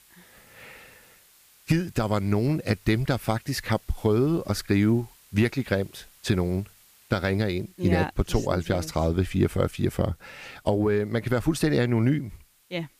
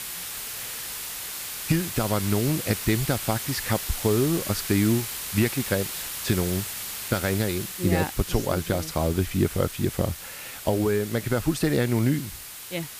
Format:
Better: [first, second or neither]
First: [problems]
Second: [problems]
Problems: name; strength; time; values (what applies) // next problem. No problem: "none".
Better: first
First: hiss; faint; throughout; 30 dB below the speech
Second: hiss; loud; throughout; 6 dB below the speech